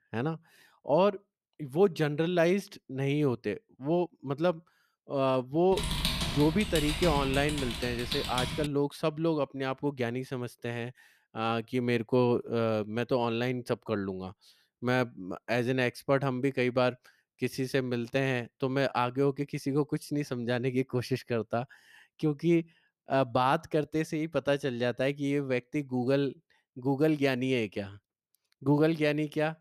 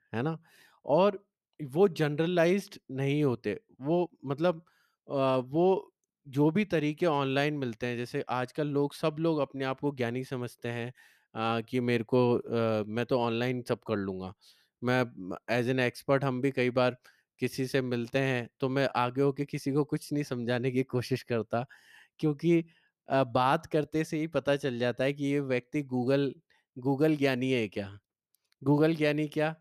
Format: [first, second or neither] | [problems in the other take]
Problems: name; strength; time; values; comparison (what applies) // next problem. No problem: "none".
second | keyboard typing; loud; from 5.5 to 8.5 s; peak level with the speech